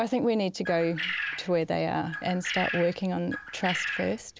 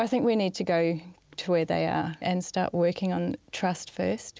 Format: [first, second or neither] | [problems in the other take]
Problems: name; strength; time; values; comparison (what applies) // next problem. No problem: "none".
second | background sound (Bird); 6 dB below the speech